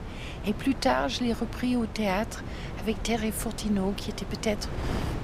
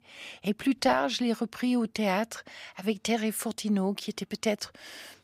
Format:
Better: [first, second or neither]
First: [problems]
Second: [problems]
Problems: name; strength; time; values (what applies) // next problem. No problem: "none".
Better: second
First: wind noise on the microphone; occasional gusts; 10 dB below the speech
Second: none